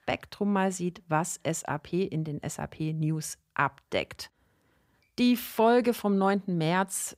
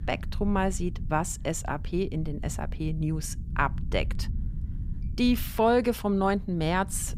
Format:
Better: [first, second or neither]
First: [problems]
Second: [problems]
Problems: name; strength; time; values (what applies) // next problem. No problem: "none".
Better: first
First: none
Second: low rumble; faint; throughout; 20 dB below the speech